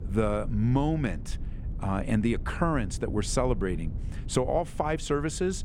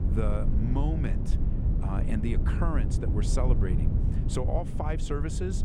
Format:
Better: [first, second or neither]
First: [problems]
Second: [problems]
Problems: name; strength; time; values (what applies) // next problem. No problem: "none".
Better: first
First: low rumble; faint; throughout; 20 dB below the speech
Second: low rumble; loud; throughout; 5 dB below the speech